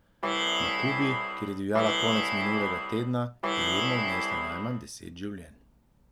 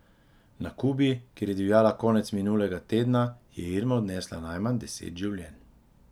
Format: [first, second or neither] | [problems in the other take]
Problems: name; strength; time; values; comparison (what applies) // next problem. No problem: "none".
second | background sound (Plucked string instrument); 2 dB above the speech